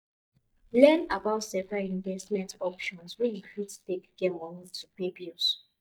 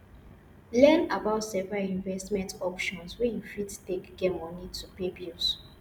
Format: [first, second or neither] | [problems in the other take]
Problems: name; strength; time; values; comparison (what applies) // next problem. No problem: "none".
second | noise reduction (neural mask model DeepFilterNet 3)